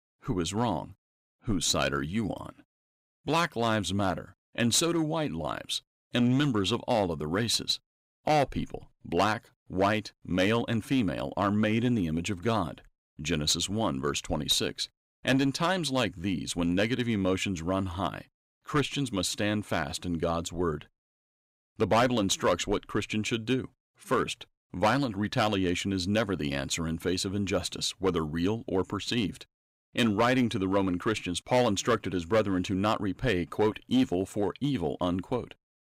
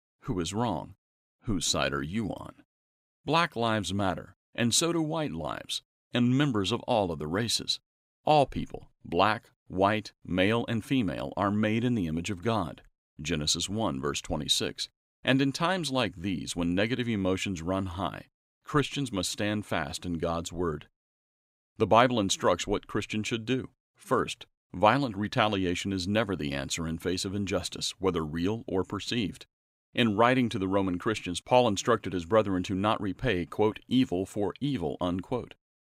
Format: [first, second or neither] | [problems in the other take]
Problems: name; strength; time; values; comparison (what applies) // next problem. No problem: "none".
second | distortion; slight; 3% of the sound clipped